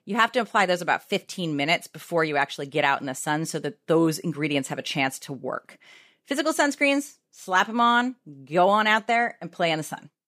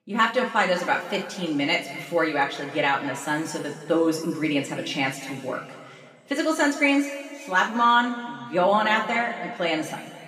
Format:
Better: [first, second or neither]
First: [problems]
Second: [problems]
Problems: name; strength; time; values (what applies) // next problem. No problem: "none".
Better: first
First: none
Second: room echo; noticeable; dies away in 2 s // off-mic speech; far